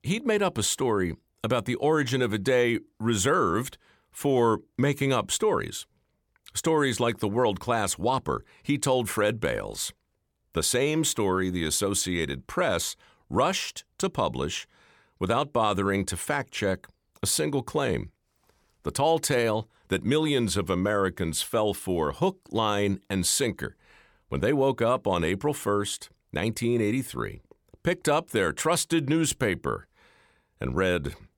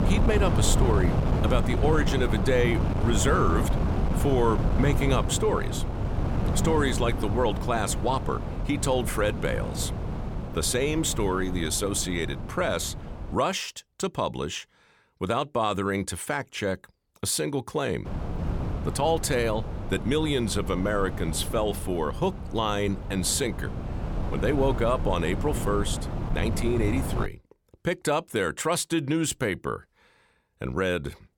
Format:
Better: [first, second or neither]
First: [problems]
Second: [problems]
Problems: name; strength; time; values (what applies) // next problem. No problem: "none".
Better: first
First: none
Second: wind noise on the microphone; heavy; until 13 s and from 18 to 27 s; 8 dB below the speech